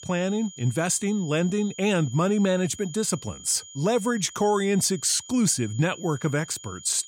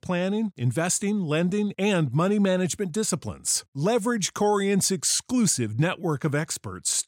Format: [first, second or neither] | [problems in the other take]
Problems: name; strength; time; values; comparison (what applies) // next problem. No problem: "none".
second | high-pitched whine; noticeable; throughout; 7 kHz, 15 dB below the speech